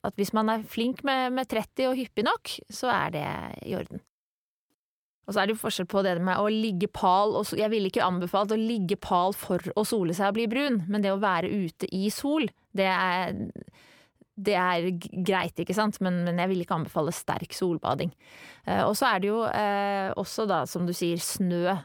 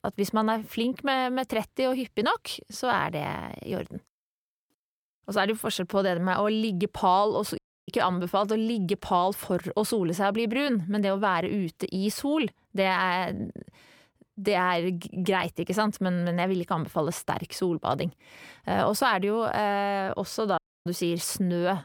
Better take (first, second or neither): first